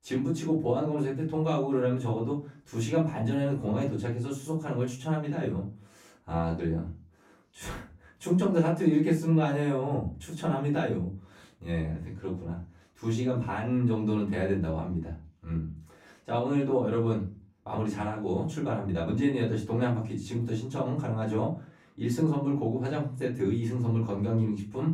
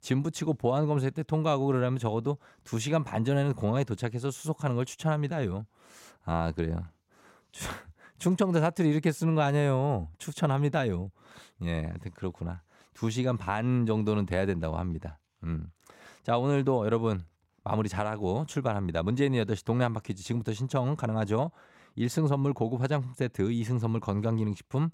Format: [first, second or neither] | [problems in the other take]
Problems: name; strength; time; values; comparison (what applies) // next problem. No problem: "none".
second | off-mic speech; far // room echo; slight; dies away in 0.3 s